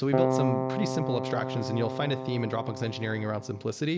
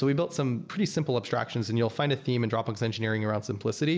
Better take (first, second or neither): second